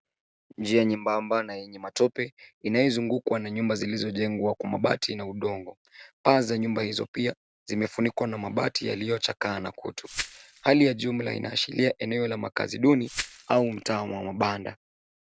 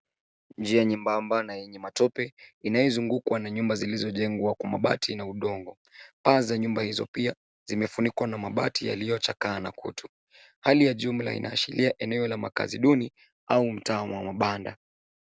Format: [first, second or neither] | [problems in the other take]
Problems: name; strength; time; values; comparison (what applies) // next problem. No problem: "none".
second | background sound (Glass); 13 dB below the speech